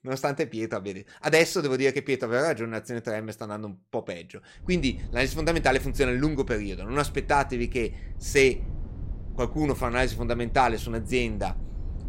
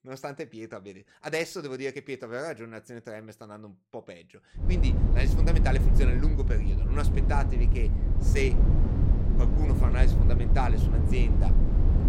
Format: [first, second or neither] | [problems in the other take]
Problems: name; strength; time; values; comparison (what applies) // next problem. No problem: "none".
first | low rumble; loud; from 4.5 s on; 3 dB below the speech; faint in the first